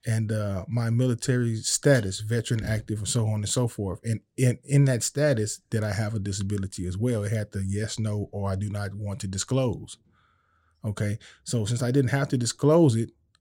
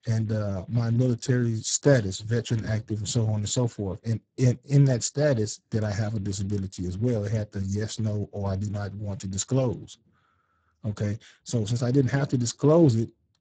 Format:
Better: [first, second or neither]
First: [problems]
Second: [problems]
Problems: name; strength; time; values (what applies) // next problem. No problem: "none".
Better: first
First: none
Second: garbled, watery; badly; nothing above 7.5 kHz